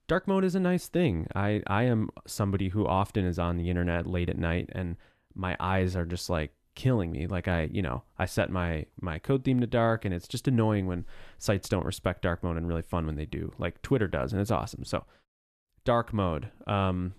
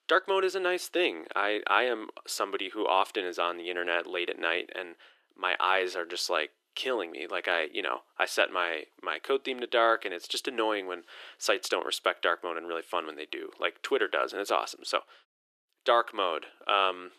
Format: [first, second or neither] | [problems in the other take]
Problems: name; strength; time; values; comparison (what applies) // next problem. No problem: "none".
first | thin; very; fading below 350 Hz